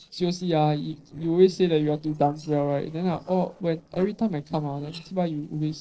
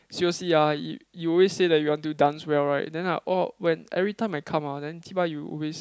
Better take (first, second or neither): second